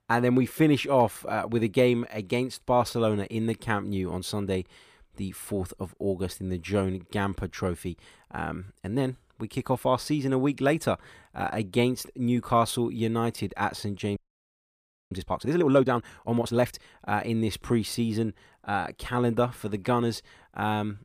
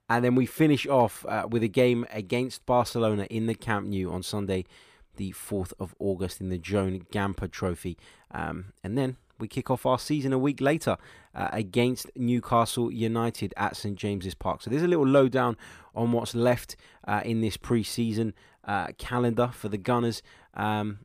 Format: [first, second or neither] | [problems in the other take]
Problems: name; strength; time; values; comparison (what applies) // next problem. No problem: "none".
second | audio freezing; at 14 s for 1 s